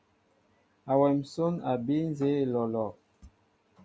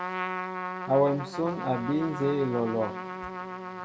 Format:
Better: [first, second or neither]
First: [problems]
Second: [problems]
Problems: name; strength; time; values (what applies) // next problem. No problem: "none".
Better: first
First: none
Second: background sound (Trumpet); 6 dB below the speech // room echo; dies away in 1.9 s